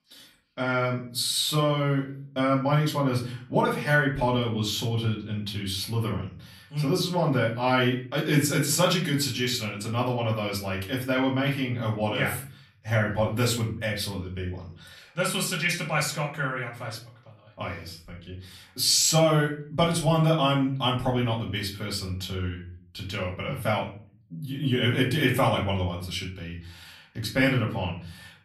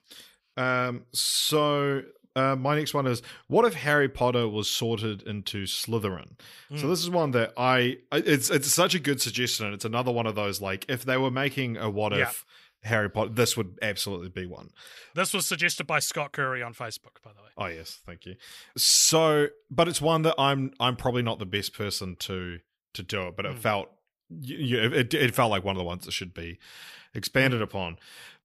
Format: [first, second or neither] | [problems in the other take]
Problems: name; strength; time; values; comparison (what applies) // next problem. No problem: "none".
second | off-mic speech; far // room echo; slight; dies away in 0.5 s